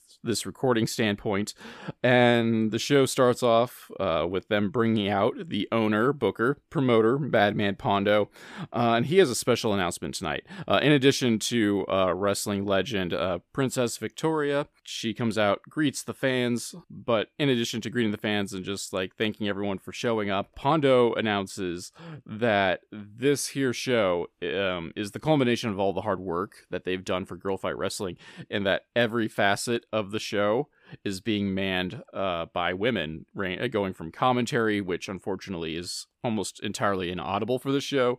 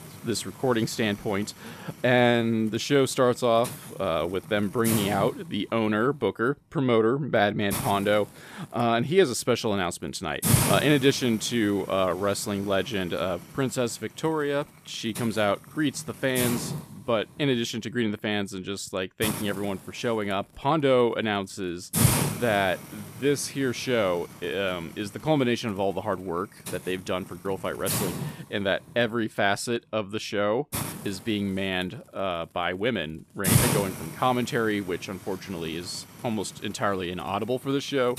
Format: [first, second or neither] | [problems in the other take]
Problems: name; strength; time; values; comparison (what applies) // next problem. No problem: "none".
first | hiss; loud; throughout; 4 dB below the speech